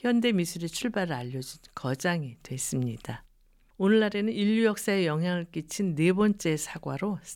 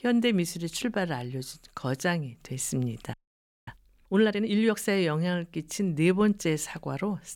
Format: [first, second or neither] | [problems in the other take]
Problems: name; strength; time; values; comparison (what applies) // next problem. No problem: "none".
first | audio freezing; at 3 s for 0.5 s